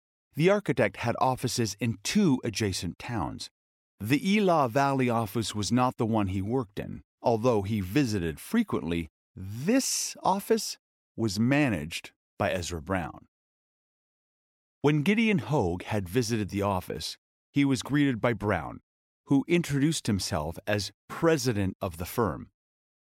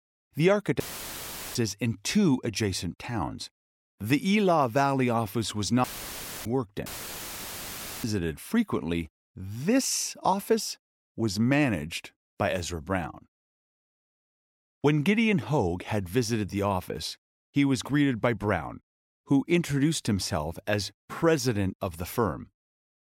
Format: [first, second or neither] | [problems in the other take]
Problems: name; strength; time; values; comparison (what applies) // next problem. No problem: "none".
first | audio cutting out; filled with static; at 1 s for 1 s, at 6 s for 0.5 s and at 7 s for 1 s